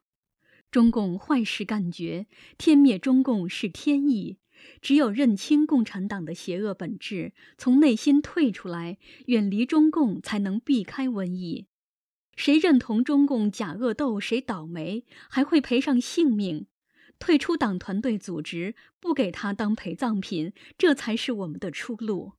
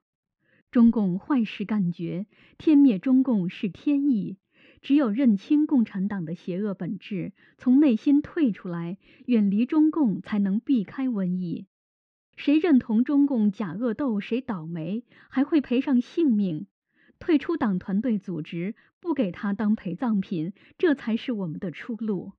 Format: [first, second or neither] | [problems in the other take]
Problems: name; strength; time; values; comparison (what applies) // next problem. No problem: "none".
first | muffled; slightly; fading above 2.5 kHz